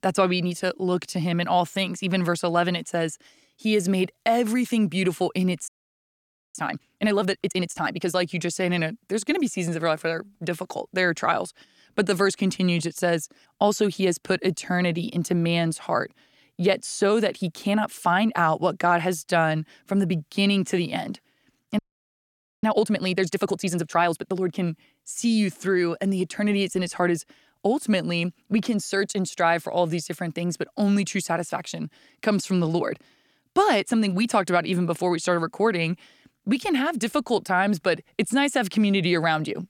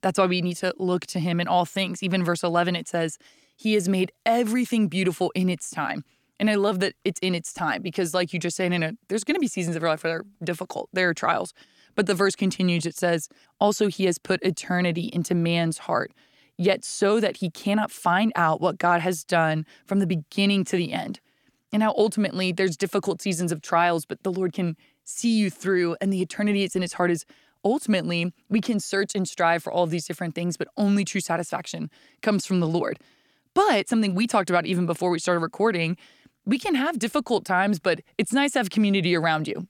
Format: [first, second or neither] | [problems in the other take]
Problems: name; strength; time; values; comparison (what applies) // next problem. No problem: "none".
second | audio freezing; at 5.5 s for 1 s and at 22 s for 1 s